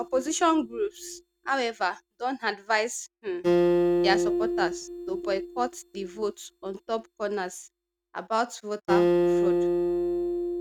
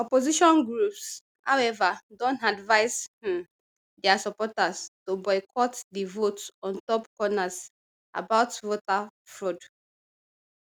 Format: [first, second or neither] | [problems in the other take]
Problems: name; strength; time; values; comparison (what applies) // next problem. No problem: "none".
second | noise reduction (neural mask model RNNoise)